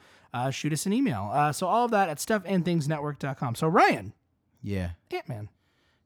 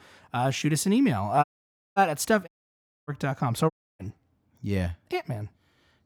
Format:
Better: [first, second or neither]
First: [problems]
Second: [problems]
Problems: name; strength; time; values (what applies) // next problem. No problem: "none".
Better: first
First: none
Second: audio cutting out; at 1.5 s for 0.5 s, at 2.5 s for 0.5 s and at 3.5 s